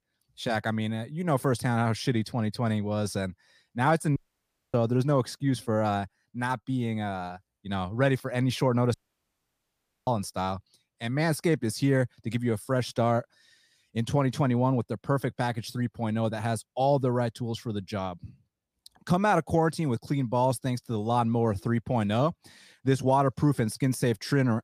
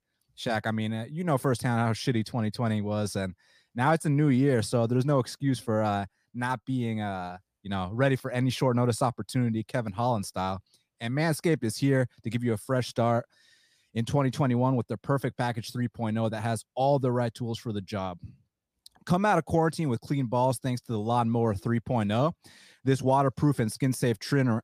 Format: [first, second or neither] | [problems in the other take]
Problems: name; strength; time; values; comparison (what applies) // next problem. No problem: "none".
second | audio cutting out; at 4 s for 0.5 s and at 9 s for 1 s